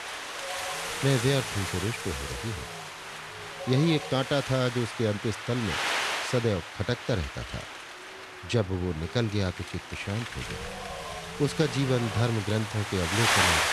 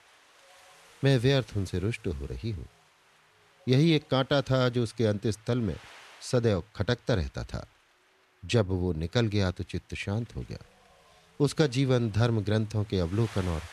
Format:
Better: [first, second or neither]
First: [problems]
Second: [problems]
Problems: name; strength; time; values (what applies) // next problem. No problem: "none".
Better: second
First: wind noise on the microphone; heavy; 1 dB above the speech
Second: wind noise on the microphone; occasional gusts; 20 dB below the speech